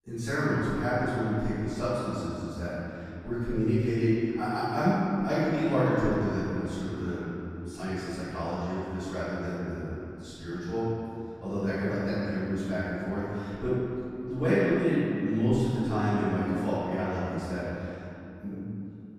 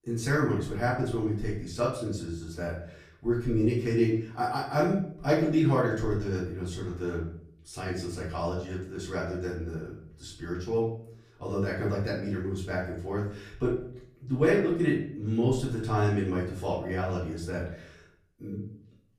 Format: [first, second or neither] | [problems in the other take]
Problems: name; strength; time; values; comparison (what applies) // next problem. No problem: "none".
second | room echo; strong; dies away in 2.9 s; slight in the second // off-mic speech; far; far in the second